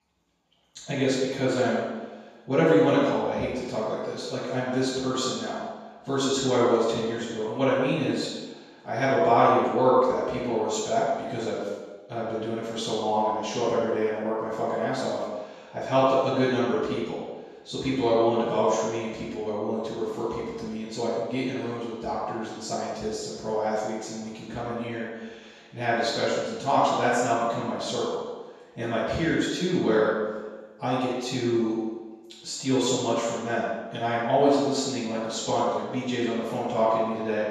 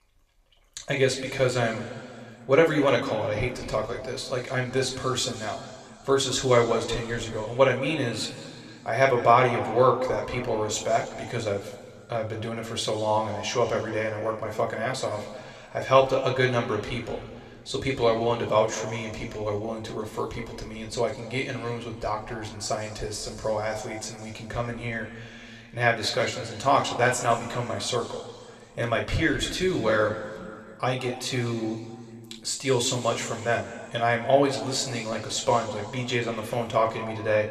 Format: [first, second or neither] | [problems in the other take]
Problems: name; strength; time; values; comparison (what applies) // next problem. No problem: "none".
second | room echo; strong; dies away in 1.2 s; slight in the second // off-mic speech; far; somewhat distant in the second